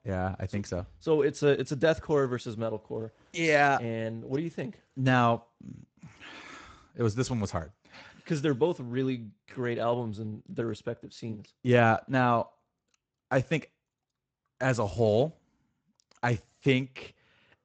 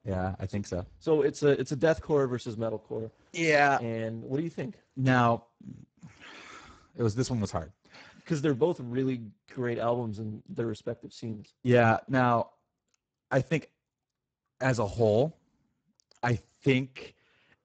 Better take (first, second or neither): first